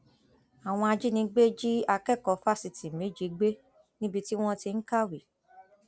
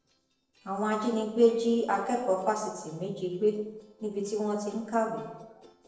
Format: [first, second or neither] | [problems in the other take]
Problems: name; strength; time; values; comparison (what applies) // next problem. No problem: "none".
first | noise reduction (neural separator model SepFormer DNS4)